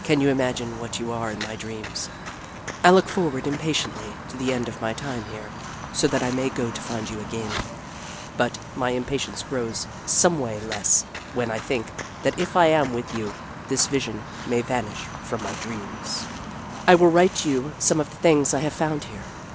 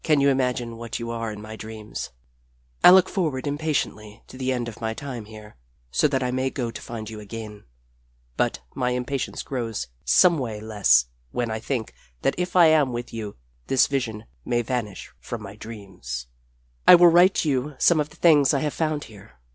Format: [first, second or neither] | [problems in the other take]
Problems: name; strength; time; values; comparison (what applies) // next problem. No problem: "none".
second | background sound (Walk, footsteps + Fireworks); 11 dB below the speech